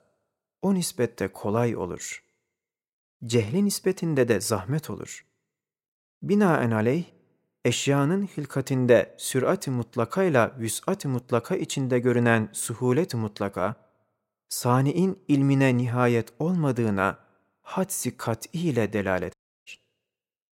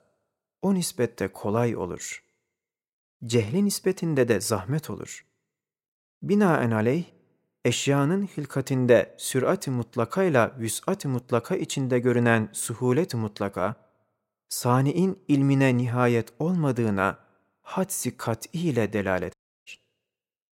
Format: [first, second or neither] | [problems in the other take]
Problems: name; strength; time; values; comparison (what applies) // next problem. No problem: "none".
neither | audio cutting out; at 19 s; the same in both